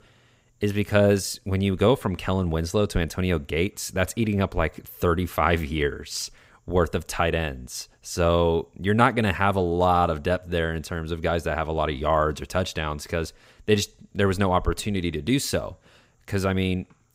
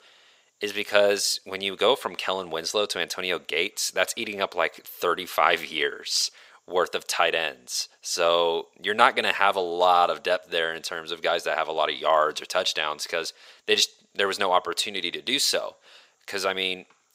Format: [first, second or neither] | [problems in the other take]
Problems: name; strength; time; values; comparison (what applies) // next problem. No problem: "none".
first | thin; very; fading below 600 Hz